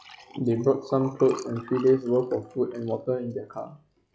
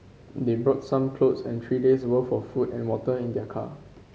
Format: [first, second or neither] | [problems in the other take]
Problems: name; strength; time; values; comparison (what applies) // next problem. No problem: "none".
second | noise reduction (classical method log-MMSE)